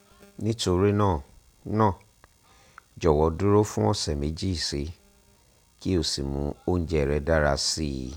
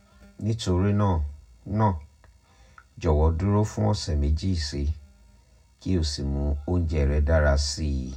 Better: first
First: none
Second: room echo; dies away in 0.3 s

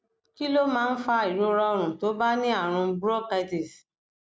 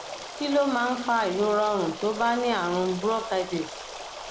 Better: first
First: none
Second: background sound (Stream); 12 dB below the speech

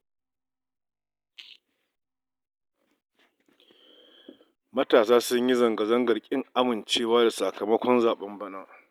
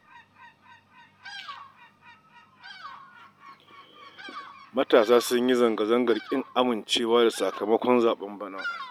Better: first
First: none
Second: background sound (Bird vocalization, bird call, bird song); 17 dB below the speech

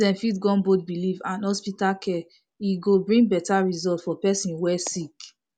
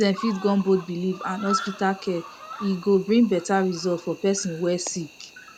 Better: first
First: none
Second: background sound (Cricket); 14 dB below the speech

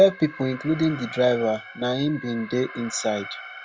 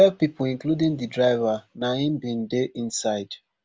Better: second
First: background sound (Alarm); 15 dB below the speech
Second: none

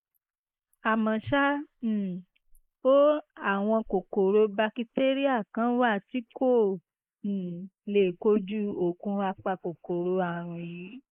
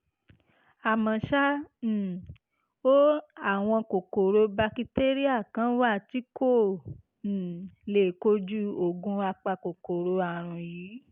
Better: second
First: noise reduction (neural mask model Resemble Enhance denoiser)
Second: none

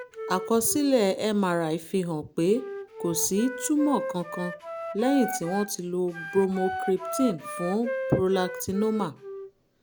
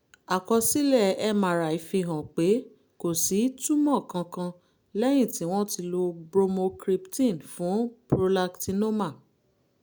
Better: second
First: background sound (Wind instrument, woodwind instrument); 9 dB below the speech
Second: none

